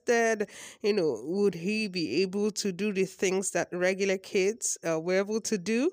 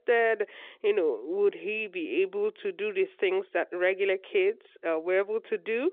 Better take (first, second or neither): first